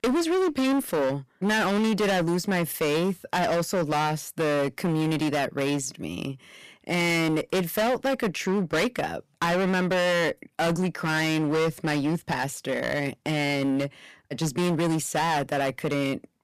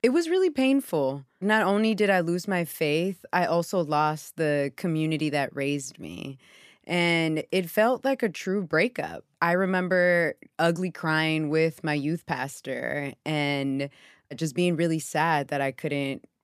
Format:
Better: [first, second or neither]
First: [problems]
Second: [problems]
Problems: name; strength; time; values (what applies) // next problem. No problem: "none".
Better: second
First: distortion; heavy; 25% of the sound clipped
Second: none